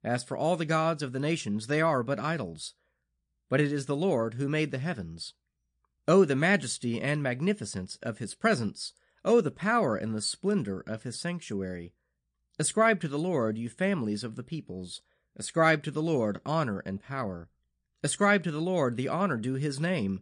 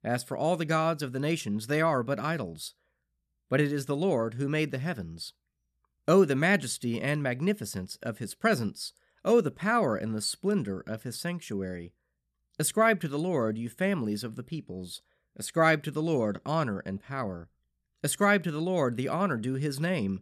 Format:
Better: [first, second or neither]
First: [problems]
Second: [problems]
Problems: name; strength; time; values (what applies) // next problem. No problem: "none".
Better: second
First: garbled, watery; slightly; nothing above 9 kHz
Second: none